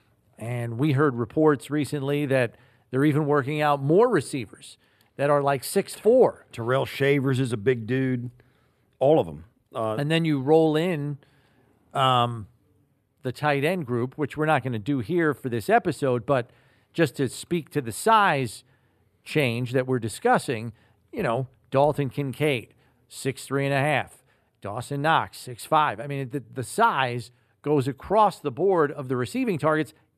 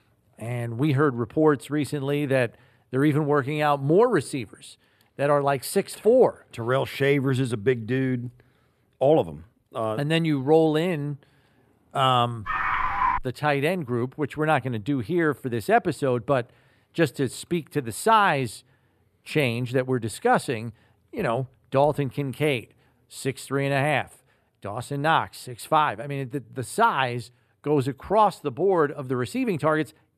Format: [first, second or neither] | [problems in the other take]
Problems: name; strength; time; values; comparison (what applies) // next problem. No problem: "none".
first | dog barking; loud; at 12 s; peak 1 dB above the speech